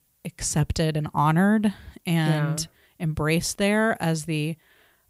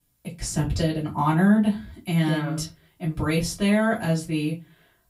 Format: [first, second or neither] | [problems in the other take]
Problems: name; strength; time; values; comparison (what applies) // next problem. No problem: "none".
first | off-mic speech; far // room echo; very slight; dies away in 0.2 s